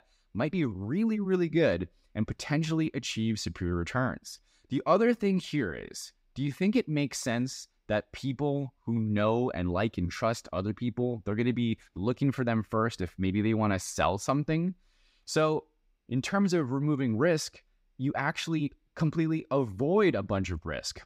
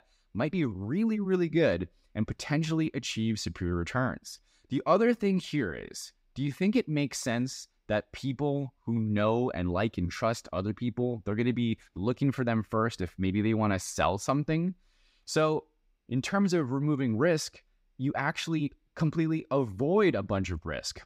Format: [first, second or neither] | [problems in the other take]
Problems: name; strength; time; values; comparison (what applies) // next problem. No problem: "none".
neither | none